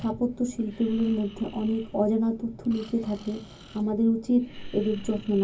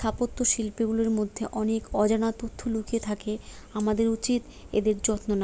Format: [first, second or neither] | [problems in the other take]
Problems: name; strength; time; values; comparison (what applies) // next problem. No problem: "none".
second | background sound (Breathing); 18 dB below the speech // room echo; dies away in 0.4 s